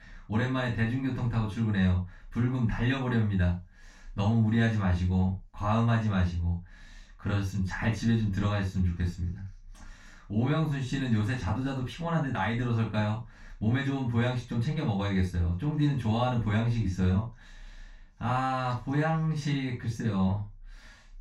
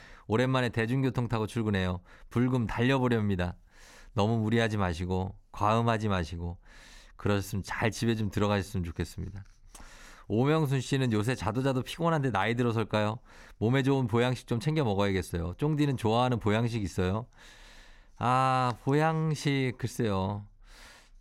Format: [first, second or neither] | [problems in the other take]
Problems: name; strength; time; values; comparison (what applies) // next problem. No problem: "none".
second | room echo; noticeable; dies away in 0.2 s // off-mic speech; far